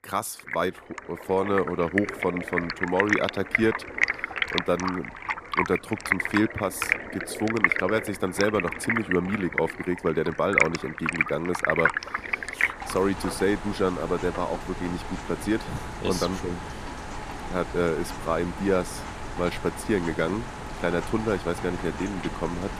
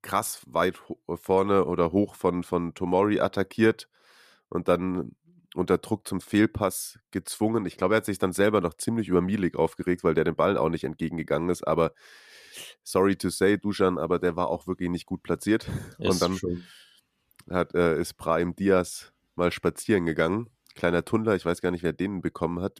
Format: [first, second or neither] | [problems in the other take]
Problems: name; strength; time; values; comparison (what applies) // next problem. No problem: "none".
second | rain or running water; loud; throughout; 2 dB below the speech